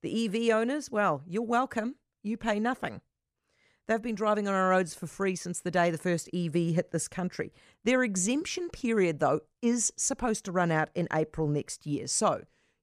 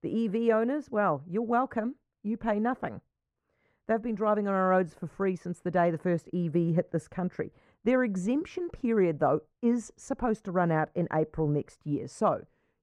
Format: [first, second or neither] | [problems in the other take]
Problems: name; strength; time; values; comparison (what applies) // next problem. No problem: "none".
first | muffled; very; fading above 2.5 kHz